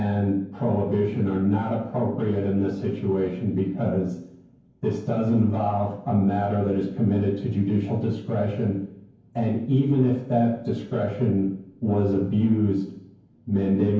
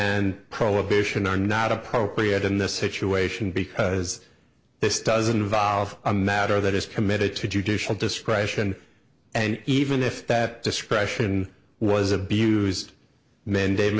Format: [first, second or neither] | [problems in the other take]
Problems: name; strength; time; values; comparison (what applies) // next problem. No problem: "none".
second | room echo; dies away in 0.9 s